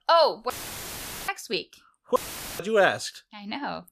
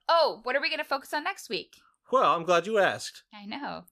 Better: second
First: audio cutting out; filled with static; at 0.5 s for 1 s and at 2 s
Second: none

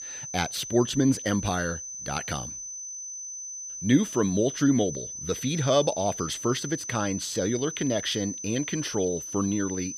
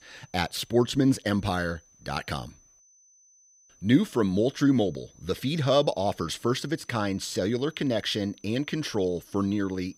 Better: second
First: high-pitched whine; loud; throughout; 6 kHz, 8 dB below the speech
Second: high-pitched whine; faint; throughout; 6 kHz, 30 dB below the speech

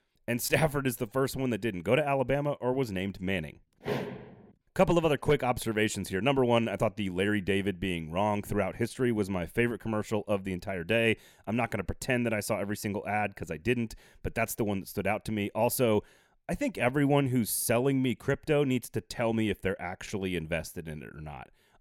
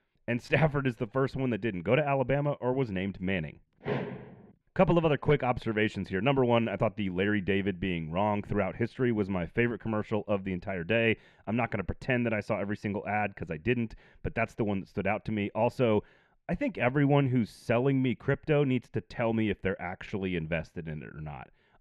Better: first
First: none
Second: muffled; slightly; fading above 2.5 kHz

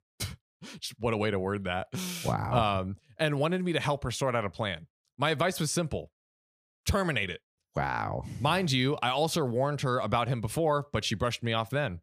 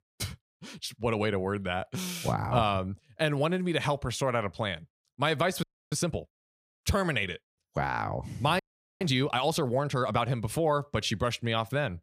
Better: first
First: none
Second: audio freezing; at 5.5 s and at 8.5 s

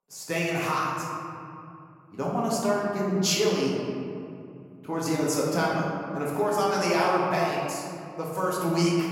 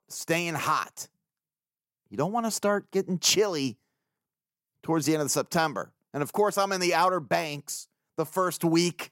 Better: second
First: room echo; noticeable; dies away in 2.5 s // off-mic speech; far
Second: none

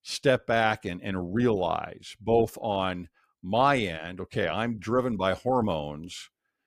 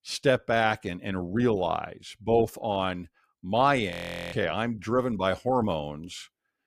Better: first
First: none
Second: audio freezing; at 4 s

